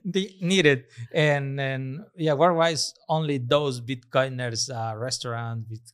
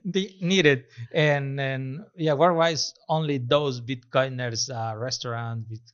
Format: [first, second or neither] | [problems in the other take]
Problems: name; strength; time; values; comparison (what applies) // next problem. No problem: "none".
first | garbled, watery; slightly; nothing above 6 kHz